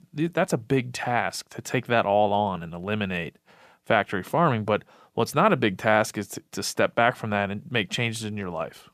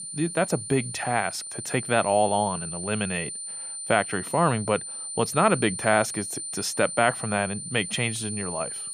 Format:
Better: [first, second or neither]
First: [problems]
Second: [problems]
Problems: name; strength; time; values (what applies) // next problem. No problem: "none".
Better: first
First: none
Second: high-pitched whine; loud; throughout; 9 kHz, 6 dB below the speech